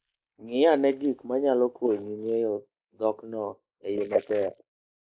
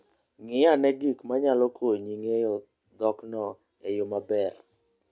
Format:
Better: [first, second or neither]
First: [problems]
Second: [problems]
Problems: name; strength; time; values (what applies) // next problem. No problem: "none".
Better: second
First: noise reduction (neural mask model Resemble Enhance denoiser)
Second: none